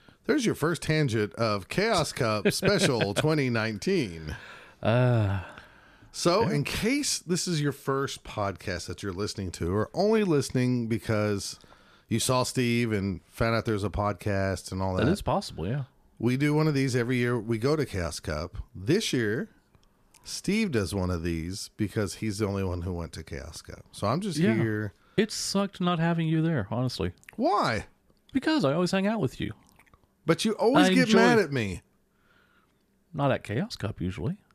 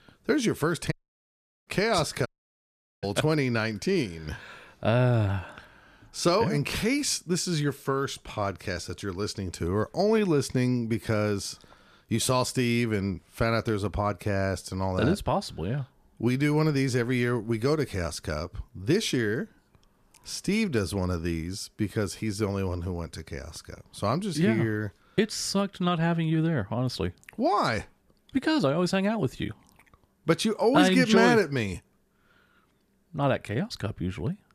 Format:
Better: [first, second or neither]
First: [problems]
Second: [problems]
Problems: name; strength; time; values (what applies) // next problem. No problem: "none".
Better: first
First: none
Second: audio cutting out; at 1 s for 0.5 s and at 2.5 s for 1 s